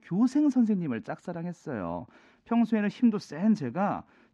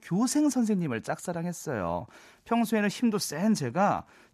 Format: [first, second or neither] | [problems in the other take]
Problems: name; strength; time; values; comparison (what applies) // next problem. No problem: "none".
second | muffled; slightly; fading above 3.5 kHz